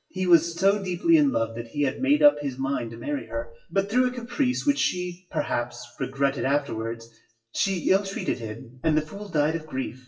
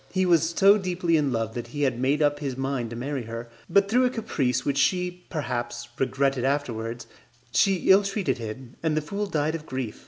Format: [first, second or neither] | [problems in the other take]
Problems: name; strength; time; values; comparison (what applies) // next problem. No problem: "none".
second | noise reduction (classical method WPE with log-MMSE)